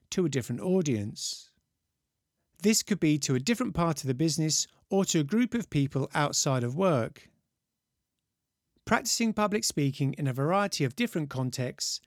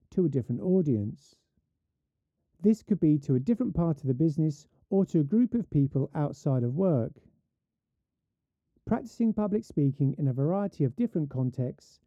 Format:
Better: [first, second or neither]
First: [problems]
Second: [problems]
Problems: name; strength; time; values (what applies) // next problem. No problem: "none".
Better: first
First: none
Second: muffled; very; fading above 1 kHz